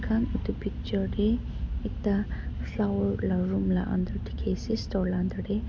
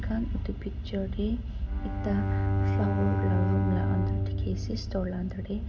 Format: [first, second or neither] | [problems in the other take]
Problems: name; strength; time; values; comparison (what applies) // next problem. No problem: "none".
first | background sound (Bowed string instrument); 1 dB above the speech // room echo; dies away in 0.3 s